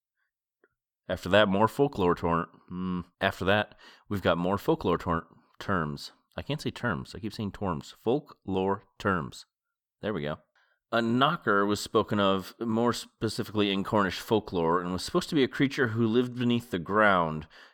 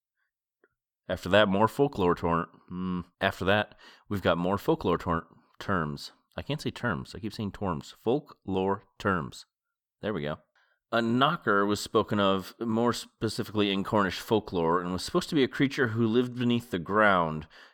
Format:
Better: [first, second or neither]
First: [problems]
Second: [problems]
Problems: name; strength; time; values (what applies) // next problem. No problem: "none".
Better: neither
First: none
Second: none